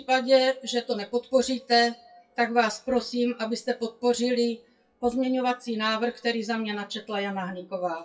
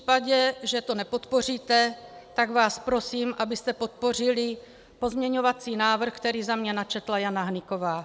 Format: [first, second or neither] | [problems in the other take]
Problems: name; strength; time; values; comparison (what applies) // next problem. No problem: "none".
second | noise reduction (classical method WPE with log-MMSE)